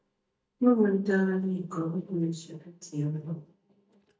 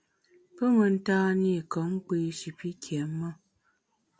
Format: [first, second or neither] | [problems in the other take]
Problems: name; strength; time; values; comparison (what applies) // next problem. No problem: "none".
second | noise reduction (neural mask model DeepFilterNet 3)